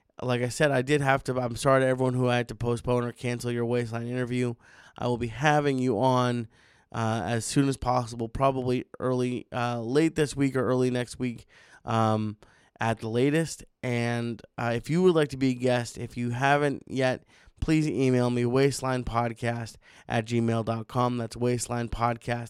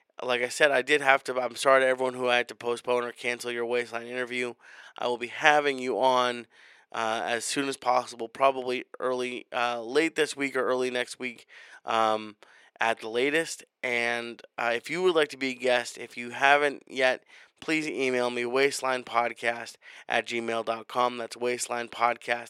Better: first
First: none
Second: thin; somewhat; fading below 500 Hz

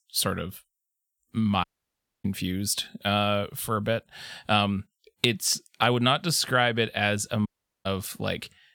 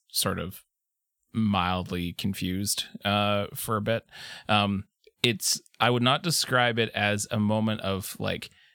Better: second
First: audio cutting out; at 1.5 s for 0.5 s and at 7.5 s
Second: none

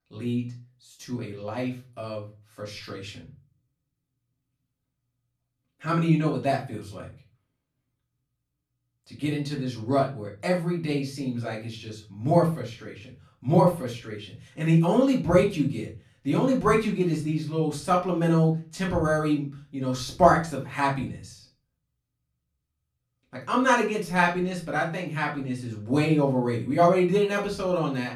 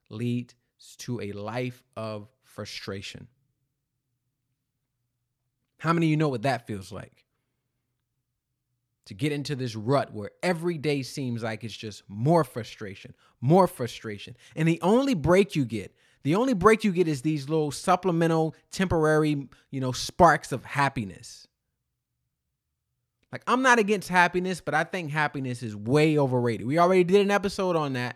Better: second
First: room echo; slight; dies away in 0.3 s // off-mic speech; far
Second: none

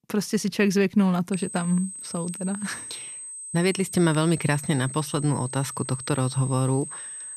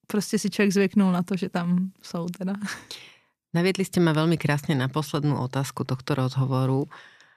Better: second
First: high-pitched whine; loud; from 1.5 s on; 8 kHz, 10 dB below the speech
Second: none

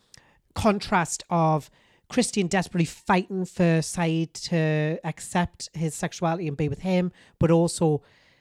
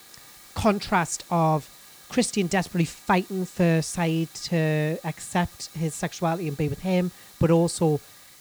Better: first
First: none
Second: hiss; faint; throughout; 20 dB below the speech

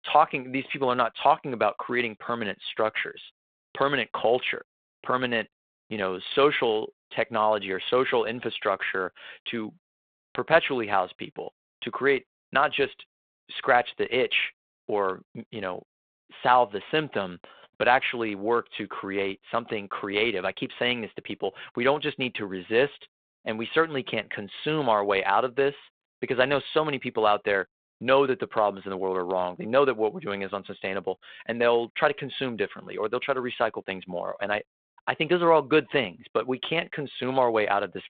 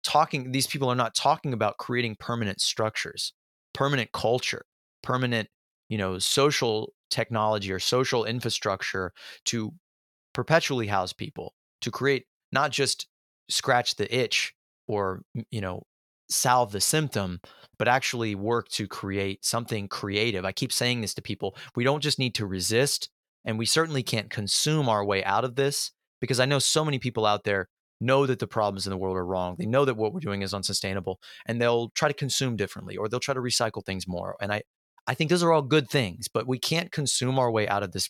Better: second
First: phone-call audio; nothing above 3.5 kHz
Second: none

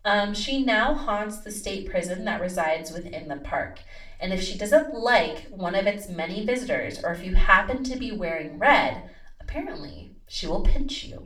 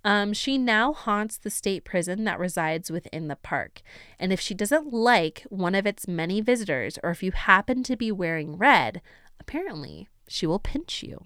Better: second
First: room echo; slight; dies away in 0.3 s // off-mic speech; far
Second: none

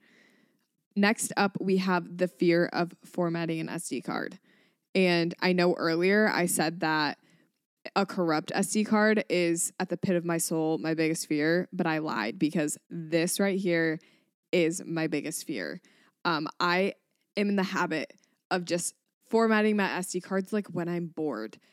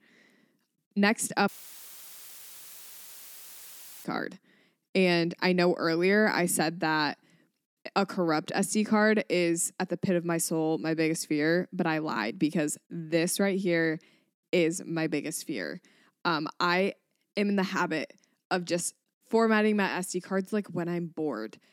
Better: first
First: none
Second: audio cutting out; filled with static; at 1.5 s for 2.5 s

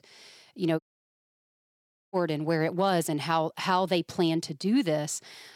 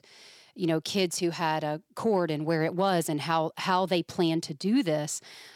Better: second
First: audio cutting out; at 1 s for 1.5 s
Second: none

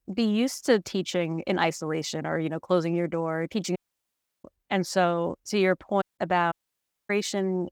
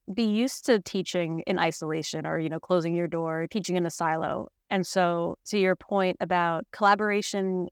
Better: second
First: audio cutting out; at 4 s for 0.5 s, at 6 s and at 6.5 s for 0.5 s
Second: none

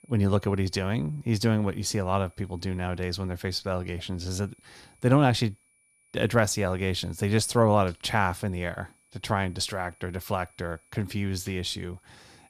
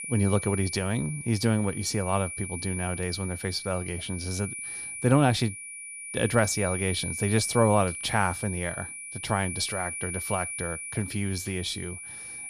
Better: first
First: high-pitched whine; faint; throughout; 2.5 kHz, 35 dB below the speech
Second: high-pitched whine; loud; throughout; 2.5 kHz, 7 dB below the speech

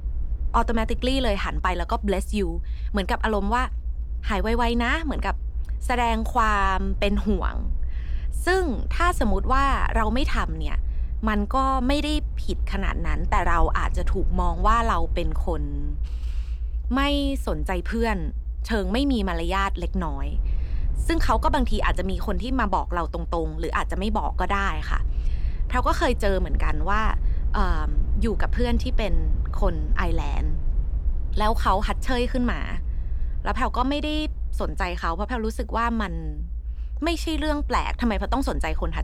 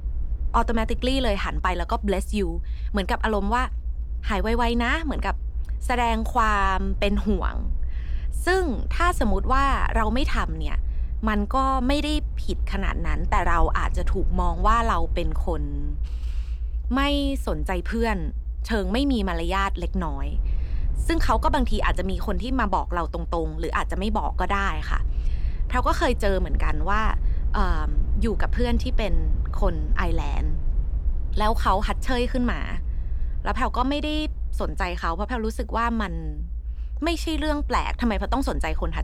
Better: neither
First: low rumble; faint; throughout; 25 dB below the speech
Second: low rumble; faint; throughout; 25 dB below the speech

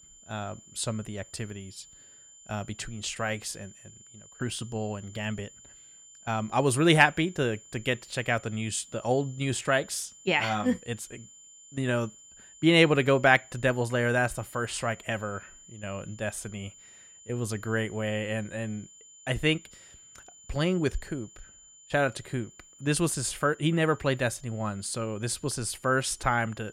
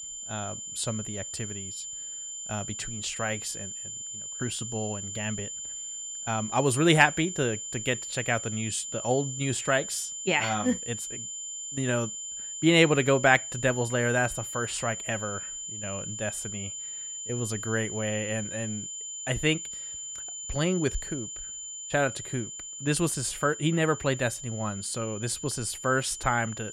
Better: first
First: high-pitched whine; faint; throughout; 7 kHz, 20 dB below the speech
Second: high-pitched whine; loud; throughout; 7 kHz, 7 dB below the speech

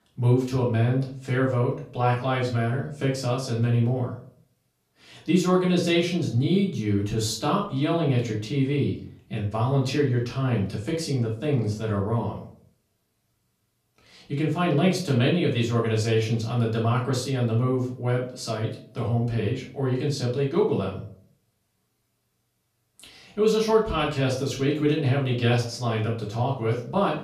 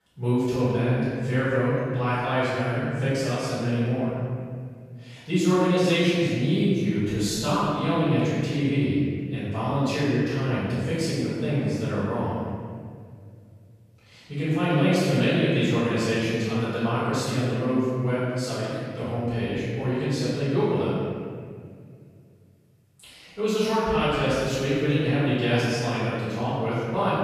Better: first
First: room echo; slight; dies away in 0.4 s // off-mic speech; far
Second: room echo; strong; dies away in 1.9 s // off-mic speech; far

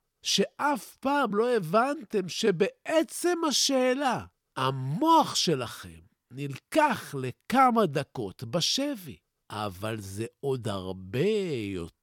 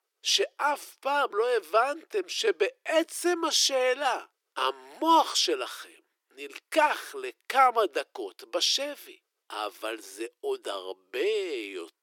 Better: first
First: none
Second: thin; very; fading below 350 Hz

